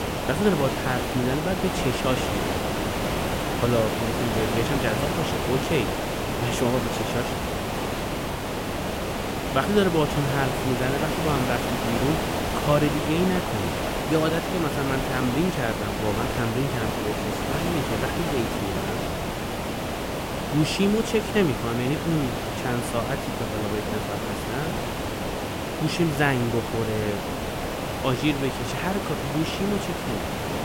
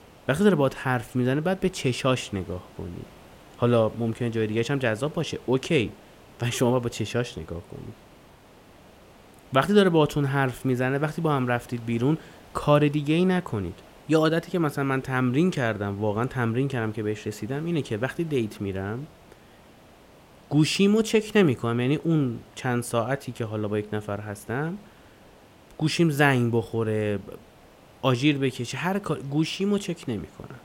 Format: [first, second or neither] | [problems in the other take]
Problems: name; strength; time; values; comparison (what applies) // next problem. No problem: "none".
second | hiss; loud; throughout; 1 dB below the speech; faint in the second